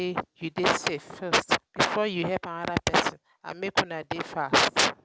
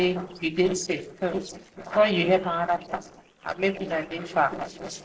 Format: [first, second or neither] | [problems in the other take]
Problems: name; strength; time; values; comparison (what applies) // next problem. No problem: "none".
first | noise reduction (neural separator model SepFormer DNS4)